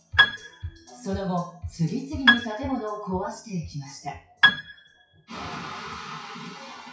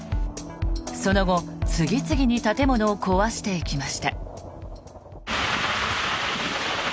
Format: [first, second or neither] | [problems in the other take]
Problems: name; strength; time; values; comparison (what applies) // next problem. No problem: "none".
second | noise reduction (classical method WPE with log-MMSE)